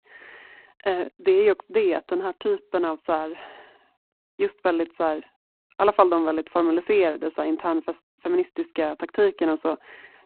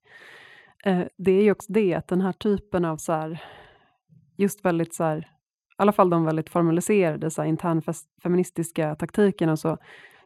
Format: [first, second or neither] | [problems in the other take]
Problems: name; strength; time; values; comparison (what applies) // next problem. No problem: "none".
second | phone-call audio; poor line; nothing above 4 kHz